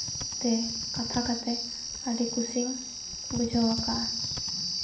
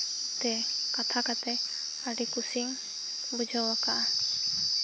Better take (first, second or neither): second